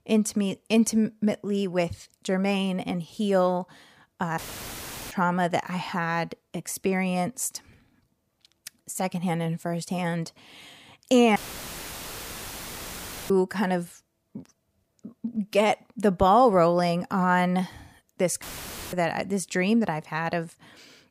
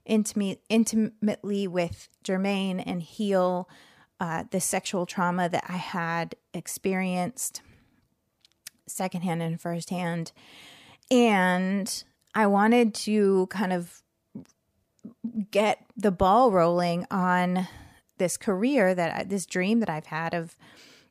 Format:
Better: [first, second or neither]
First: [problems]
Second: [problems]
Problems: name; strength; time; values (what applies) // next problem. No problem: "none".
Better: second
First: audio cutting out; filled with static; at 4.5 s for 0.5 s, at 11 s for 2 s and at 18 s for 0.5 s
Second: none